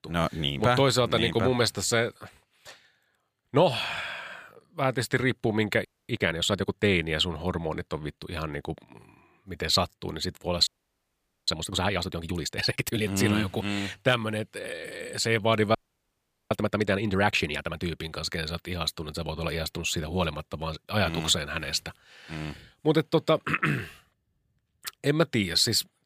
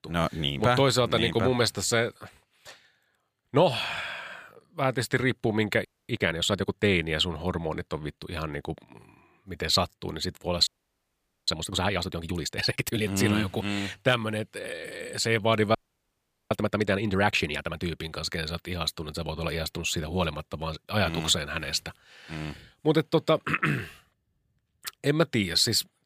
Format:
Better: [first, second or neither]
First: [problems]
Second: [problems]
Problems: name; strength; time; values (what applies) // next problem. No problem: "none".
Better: neither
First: audio freezing; at 6 s, at 11 s for 1 s and at 16 s for 1 s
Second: audio freezing; at 6 s, at 11 s for 1 s and at 16 s for 1 s